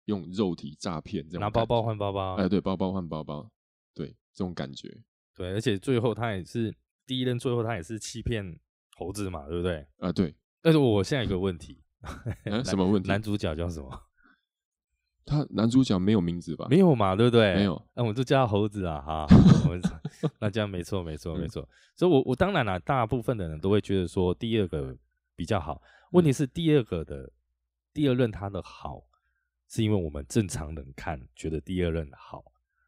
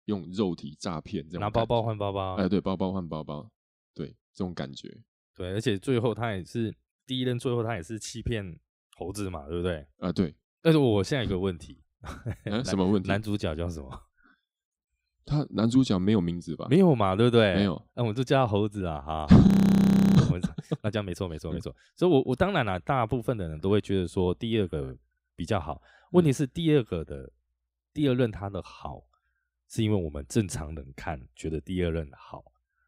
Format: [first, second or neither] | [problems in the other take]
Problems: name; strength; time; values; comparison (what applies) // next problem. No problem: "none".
first | audio freezing; at 19 s for 0.5 s